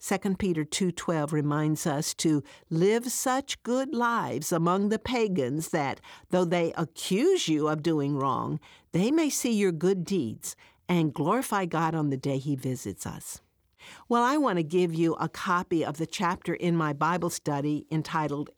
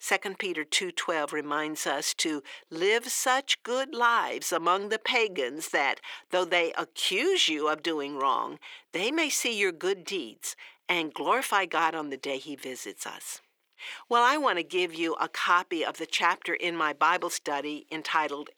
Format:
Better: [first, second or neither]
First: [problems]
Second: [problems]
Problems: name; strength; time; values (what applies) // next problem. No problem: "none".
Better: first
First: none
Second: thin; very; fading below 400 Hz